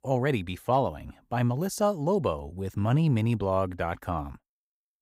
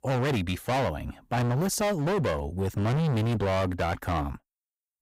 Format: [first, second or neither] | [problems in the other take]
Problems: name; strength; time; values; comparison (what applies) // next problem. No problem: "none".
first | distortion; heavy; 28% of the sound clipped